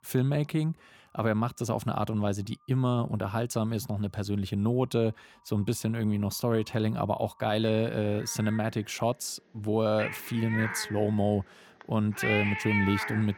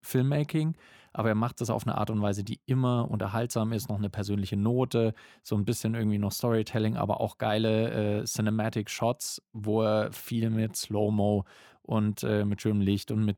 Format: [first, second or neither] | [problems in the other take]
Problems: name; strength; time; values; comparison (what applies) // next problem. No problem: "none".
second | animal sounds; loud; throughout; 4 dB below the speech